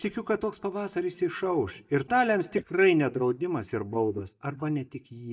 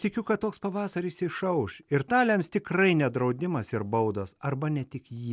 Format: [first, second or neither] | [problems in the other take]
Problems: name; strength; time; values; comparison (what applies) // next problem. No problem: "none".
second | noise reduction (neural mask model DeepFilterNet 3)